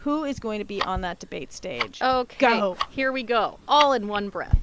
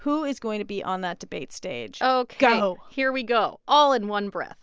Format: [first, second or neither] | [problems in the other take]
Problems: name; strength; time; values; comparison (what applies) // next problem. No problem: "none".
second | background sound (Tick-tock); 7 dB below the speech